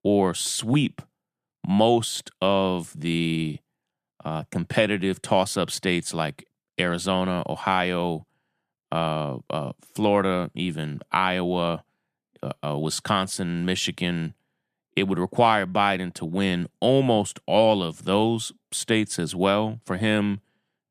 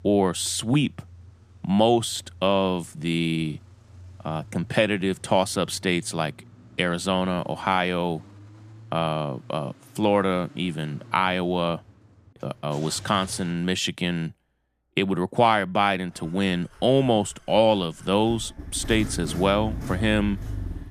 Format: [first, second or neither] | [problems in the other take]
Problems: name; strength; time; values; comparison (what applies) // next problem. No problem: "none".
first | traffic noise; noticeable; throughout; 15 dB below the speech